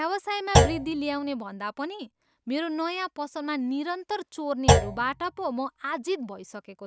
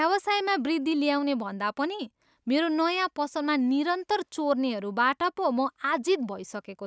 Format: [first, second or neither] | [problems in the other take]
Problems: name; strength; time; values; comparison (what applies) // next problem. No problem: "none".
second | background sound (Thump, thud); 5 dB above the speech